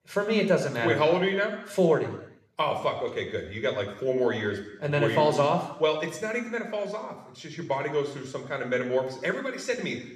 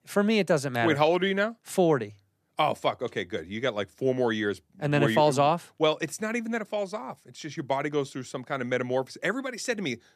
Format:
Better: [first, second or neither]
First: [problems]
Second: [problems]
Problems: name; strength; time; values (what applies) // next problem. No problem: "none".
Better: second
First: room echo; slight; dies away in 0.9 s // off-mic speech; somewhat distant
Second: none